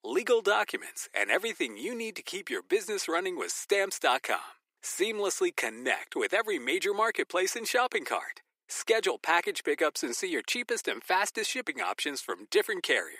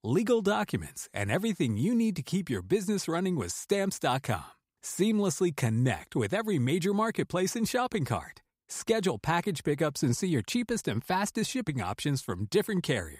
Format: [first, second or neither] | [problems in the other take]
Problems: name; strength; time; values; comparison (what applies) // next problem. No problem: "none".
second | thin; very; fading below 350 Hz